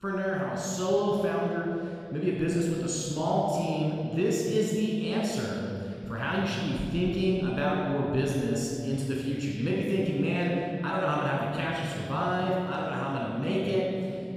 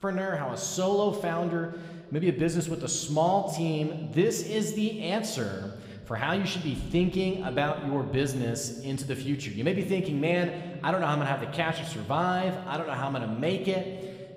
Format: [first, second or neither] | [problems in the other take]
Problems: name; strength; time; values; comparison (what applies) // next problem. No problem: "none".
second | room echo; strong; dies away in 2.4 s; slight in the second // off-mic speech; far